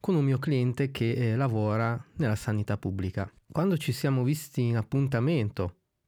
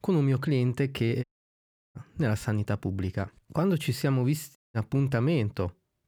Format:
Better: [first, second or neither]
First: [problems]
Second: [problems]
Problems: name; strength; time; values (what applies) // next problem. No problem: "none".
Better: first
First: none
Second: audio cutting out; at 1 s for 0.5 s and at 4.5 s